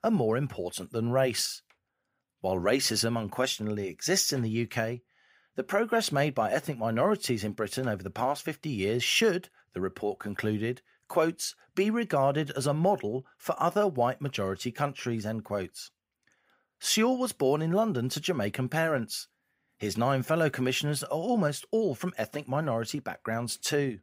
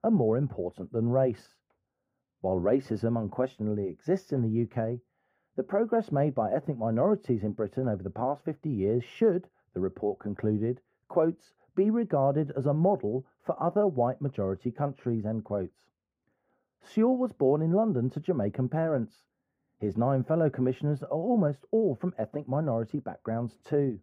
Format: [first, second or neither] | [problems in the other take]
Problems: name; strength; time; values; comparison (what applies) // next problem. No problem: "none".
first | muffled; very; fading above 2 kHz